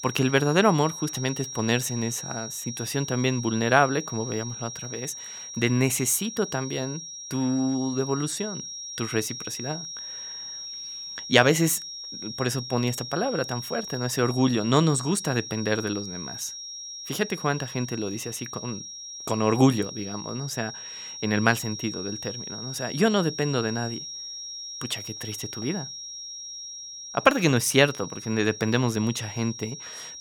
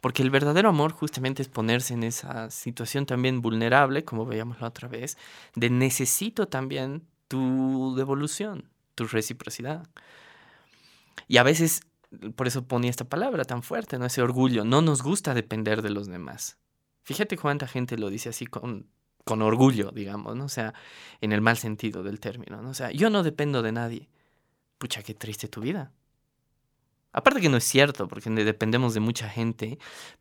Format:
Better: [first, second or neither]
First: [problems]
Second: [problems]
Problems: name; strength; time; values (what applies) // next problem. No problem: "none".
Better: second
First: high-pitched whine; loud; throughout; 5.5 kHz, 9 dB below the speech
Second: none